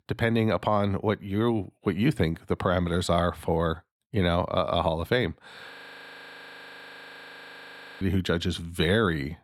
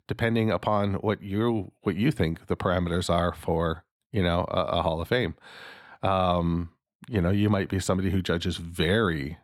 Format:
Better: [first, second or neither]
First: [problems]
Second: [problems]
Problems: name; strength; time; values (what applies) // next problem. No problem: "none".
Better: second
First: audio freezing; at 5.5 s for 2.5 s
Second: none